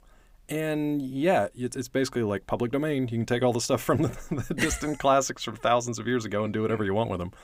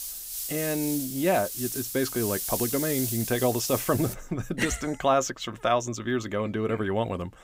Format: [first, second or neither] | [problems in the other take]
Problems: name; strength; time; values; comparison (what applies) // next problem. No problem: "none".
first | hiss; loud; until 4 s; 3 dB below the speech